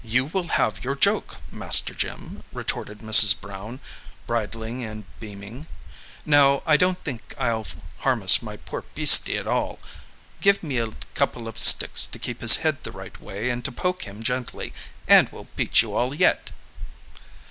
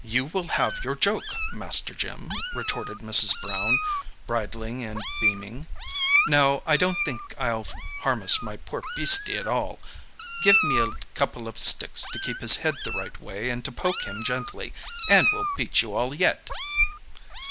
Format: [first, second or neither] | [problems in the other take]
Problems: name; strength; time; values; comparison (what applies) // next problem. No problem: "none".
first | background sound (Meow); 3 dB below the speech